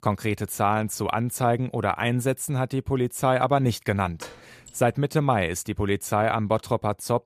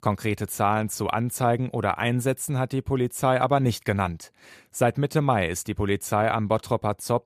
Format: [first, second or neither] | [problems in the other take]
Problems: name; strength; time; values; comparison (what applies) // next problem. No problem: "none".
second | door banging; faint; at 4 s; peak 20 dB below the speech